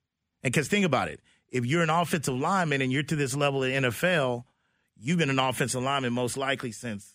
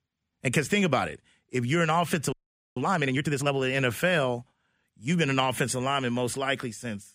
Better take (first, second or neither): first